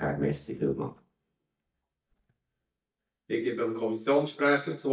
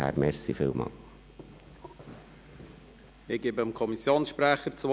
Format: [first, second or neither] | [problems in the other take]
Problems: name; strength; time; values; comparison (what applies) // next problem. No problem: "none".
second | noise reduction (neural mask model DeepFilterNet 3)